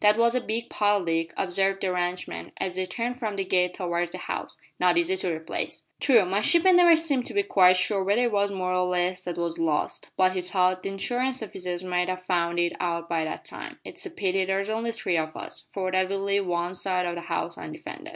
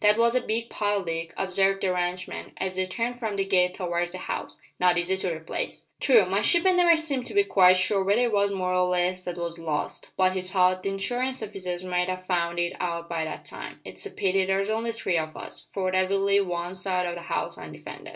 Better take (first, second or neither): first